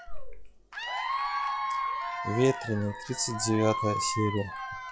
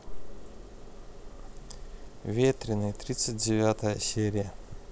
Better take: second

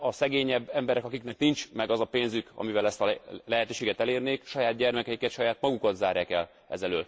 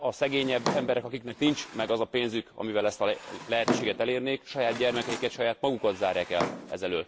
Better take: first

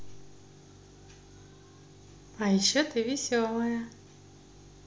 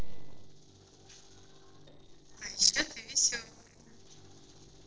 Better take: first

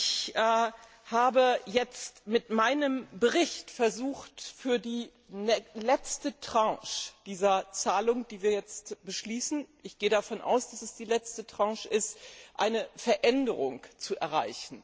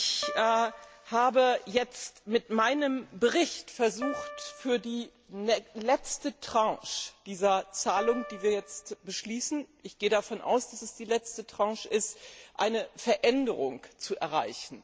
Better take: first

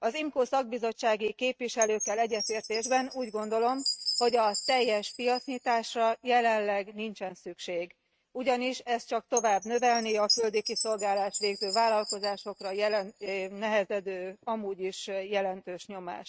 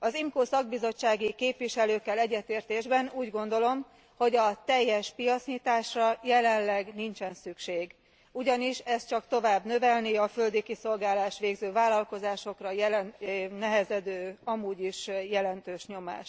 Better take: second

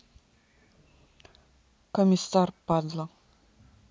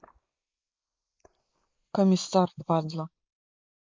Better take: first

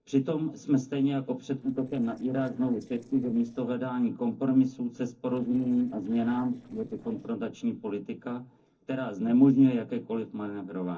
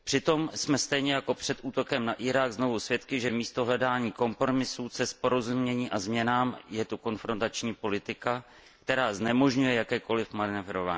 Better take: second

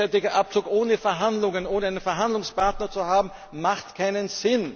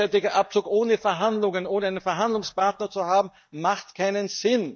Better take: first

